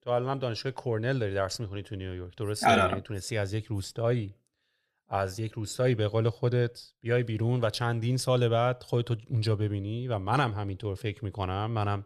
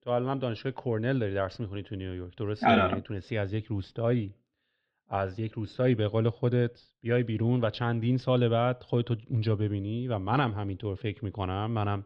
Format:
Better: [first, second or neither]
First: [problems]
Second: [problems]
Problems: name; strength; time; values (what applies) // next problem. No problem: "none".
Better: first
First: none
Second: muffled; slightly; fading above 3.5 kHz